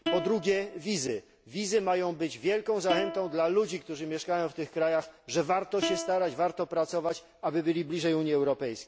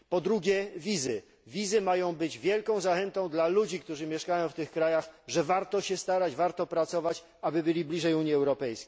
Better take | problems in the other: second | background sound (Plucked string instrument); 11 dB below the speech

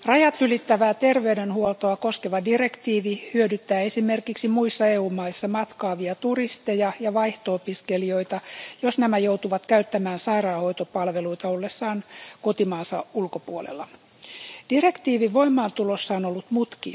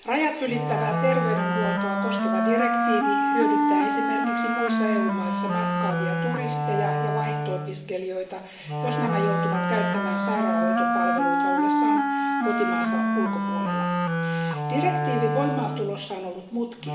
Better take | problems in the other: first | background sound (Wind instrument, woodwind instrument); 5 dB above the speech // room echo; dies away in 1 s

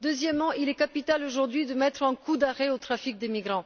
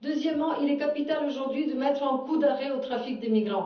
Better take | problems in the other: first | room echo; dies away in 0.7 s

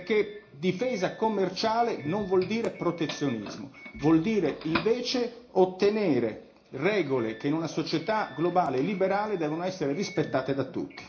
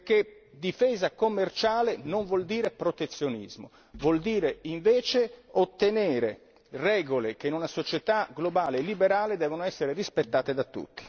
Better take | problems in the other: second | background sound (Doorbell); 17 dB below the speech // room echo; dies away in 0.4 s

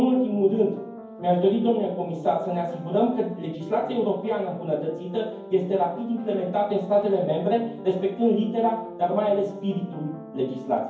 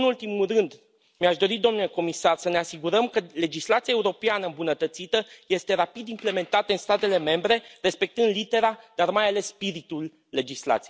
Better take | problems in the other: second | background sound (Piano); 15 dB below the speech // room echo; dies away in 0.9 s

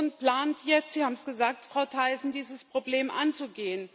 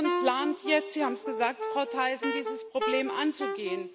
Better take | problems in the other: first | background sound (Wind instrument, woodwind instrument); 3 dB below the speech

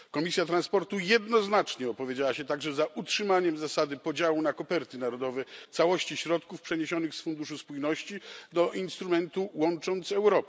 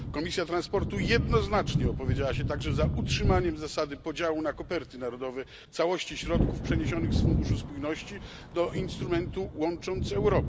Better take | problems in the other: first | background sound (Thunder / Wind); as loud as the speech

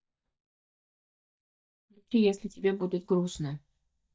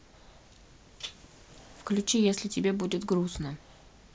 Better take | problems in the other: second | noise reduction (neural mask model DeepFilterNet 3)

